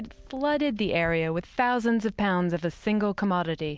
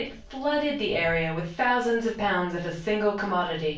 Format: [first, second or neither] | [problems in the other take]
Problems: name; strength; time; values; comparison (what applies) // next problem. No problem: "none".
first | room echo; dies away in 0.3 s